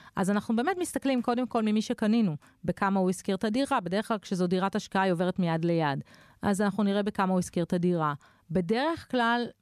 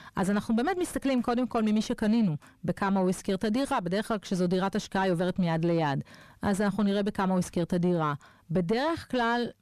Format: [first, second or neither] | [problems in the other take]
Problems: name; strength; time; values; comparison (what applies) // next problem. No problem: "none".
first | distortion; slight; 9 dB below the speech